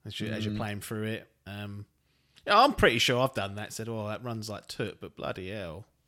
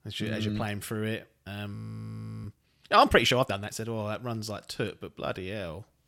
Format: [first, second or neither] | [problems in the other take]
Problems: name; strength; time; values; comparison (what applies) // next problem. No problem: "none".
first | audio freezing; at 2 s for 0.5 s